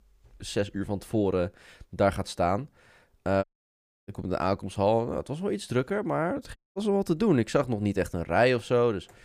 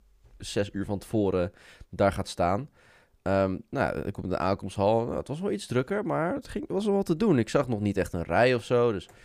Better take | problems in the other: second | audio cutting out; at 3.5 s for 0.5 s and at 6.5 s

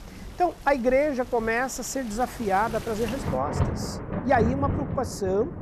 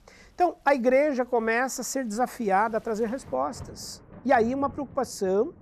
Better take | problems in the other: second | rain or running water; loud; throughout; 6 dB below the speech; faint in the second

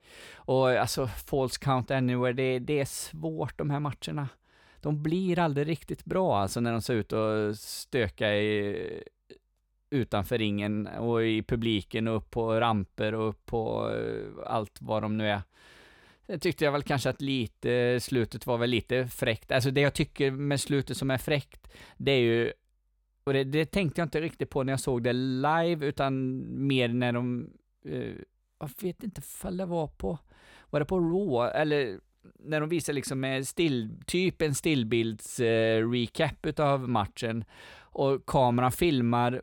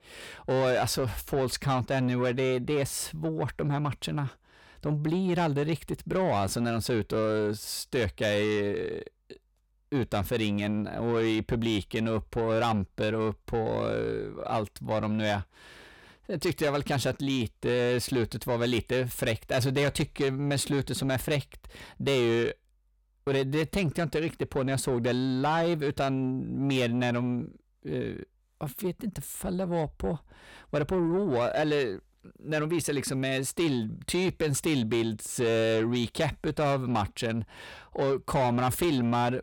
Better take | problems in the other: first | distortion; slight; 10 dB below the speech

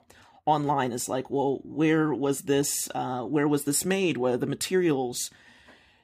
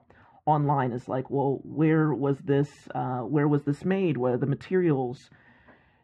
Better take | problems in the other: first | muffled; very; fading above 1.5 kHz

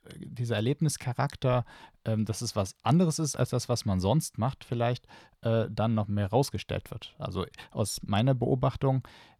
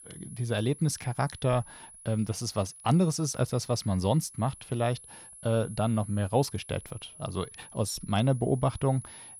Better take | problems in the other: first | high-pitched whine; noticeable; throughout; 10.5 kHz, 15 dB below the speech

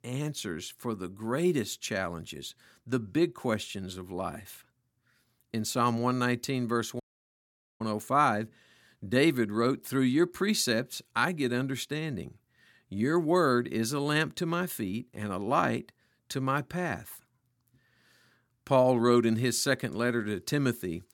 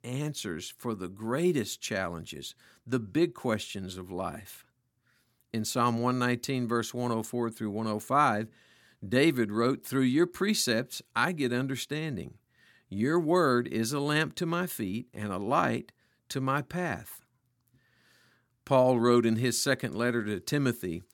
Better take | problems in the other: second | audio cutting out; at 7 s for 1 s

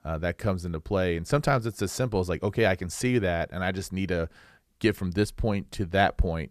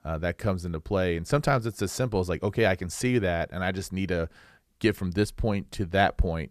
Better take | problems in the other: neither | none

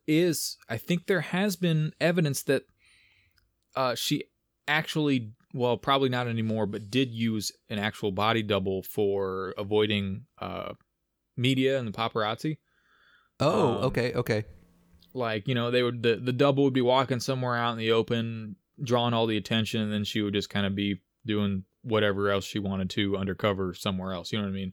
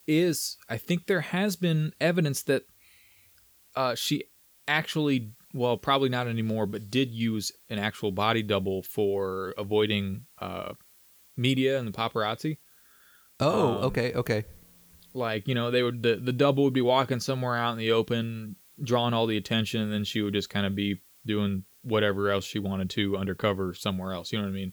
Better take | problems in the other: first | hiss; faint; throughout; 25 dB below the speech

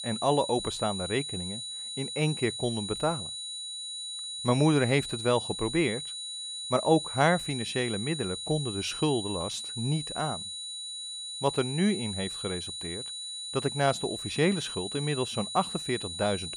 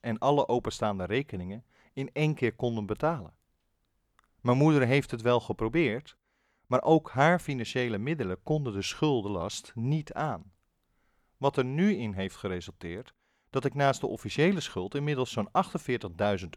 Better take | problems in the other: second | high-pitched whine; loud; throughout; 4 kHz, 5 dB below the speech

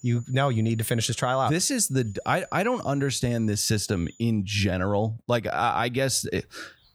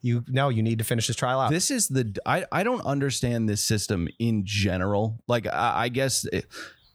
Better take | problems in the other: second | high-pitched whine; faint; until 4 s; 7 kHz, 25 dB below the speech

